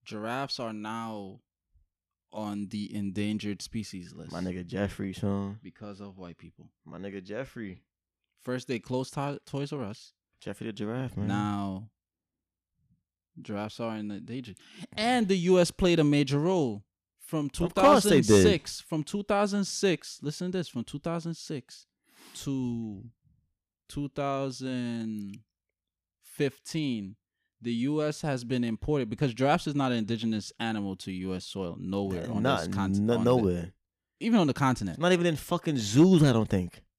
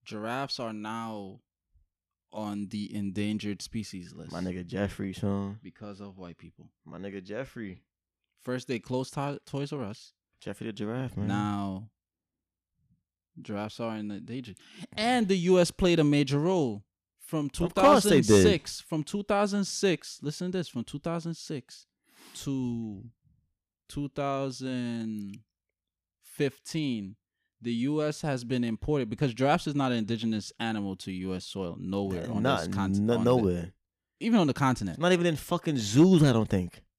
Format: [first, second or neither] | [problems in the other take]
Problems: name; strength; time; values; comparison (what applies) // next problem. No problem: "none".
neither | none